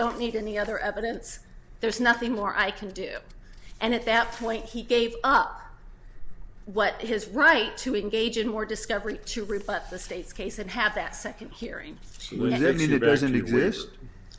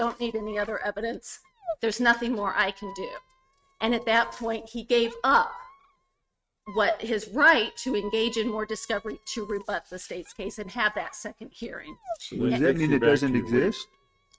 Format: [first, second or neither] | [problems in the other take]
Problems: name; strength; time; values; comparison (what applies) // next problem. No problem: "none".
first | noise reduction (neural mask model RNNoise)